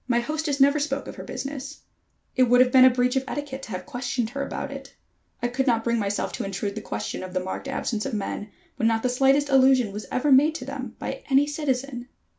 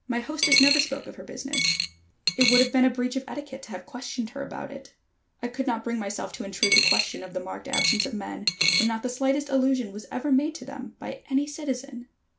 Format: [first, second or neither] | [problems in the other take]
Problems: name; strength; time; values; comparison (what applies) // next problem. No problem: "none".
first | background sound (Coin (dropping)); 2 dB above the speech